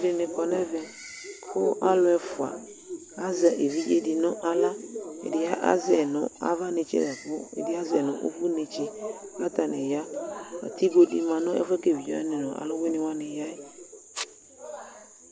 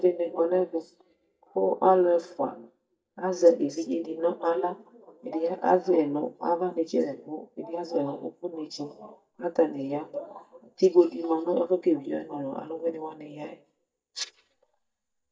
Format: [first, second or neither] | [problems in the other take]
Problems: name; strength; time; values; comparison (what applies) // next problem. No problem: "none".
first | noise reduction (neural mask model DeepFilterNet 3)